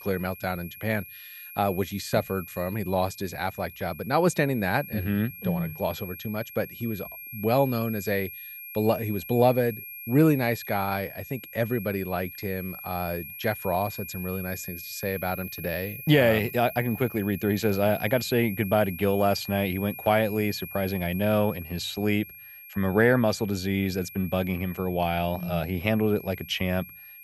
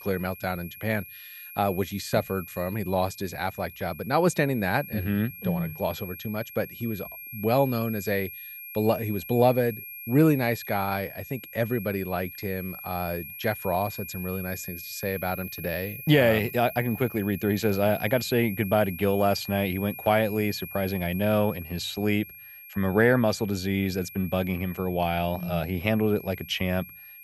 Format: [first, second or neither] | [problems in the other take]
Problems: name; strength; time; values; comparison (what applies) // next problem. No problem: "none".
neither | high-pitched whine; noticeable; throughout; 11.5 kHz, 10 dB below the speech; the same in both